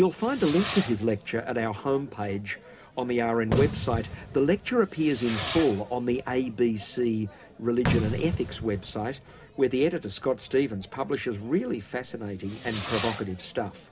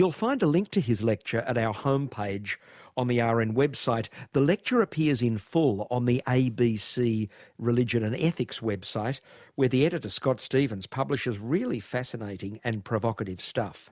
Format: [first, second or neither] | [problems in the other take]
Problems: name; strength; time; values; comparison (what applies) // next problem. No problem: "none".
second | background sound (Fireworks); 9 dB below the speech // room echo; dies away in 0.3 s